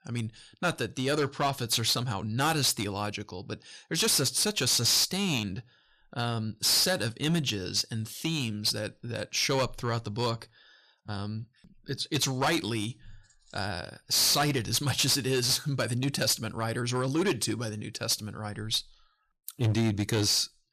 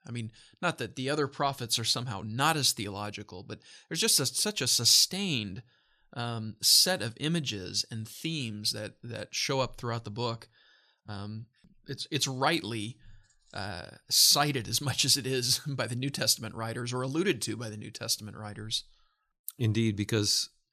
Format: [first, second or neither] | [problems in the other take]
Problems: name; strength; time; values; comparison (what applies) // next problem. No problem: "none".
second | distortion; heavy; 7% of the sound clipped